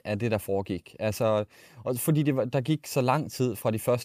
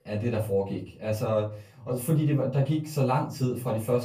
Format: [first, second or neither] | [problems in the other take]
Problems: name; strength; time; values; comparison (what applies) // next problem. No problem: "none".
first | off-mic speech; far // room echo; slight; dies away in 0.4 s